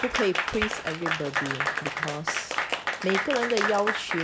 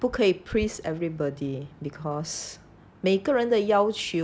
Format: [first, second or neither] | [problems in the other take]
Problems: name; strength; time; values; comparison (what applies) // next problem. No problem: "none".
second | background sound (Applause / Crowd); as loud as the speech